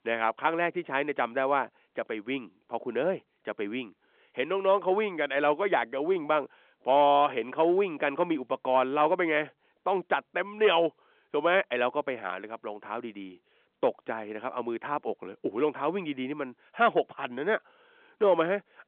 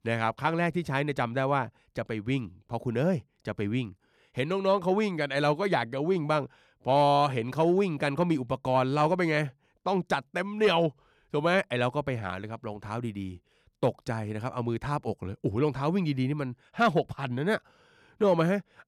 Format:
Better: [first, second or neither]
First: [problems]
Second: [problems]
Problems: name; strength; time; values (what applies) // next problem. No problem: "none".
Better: second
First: phone-call audio; nothing above 3.5 kHz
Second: none